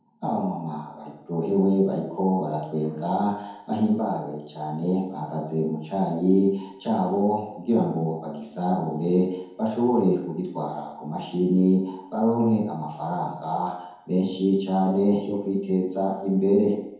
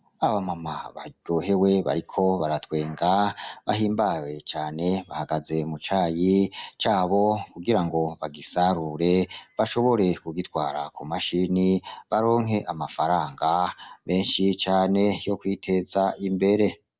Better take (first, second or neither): second